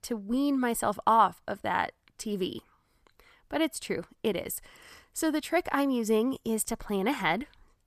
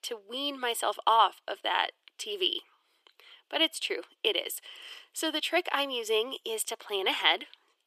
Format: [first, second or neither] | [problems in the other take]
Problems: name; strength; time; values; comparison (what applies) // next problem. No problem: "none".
first | thin; very; fading below 350 Hz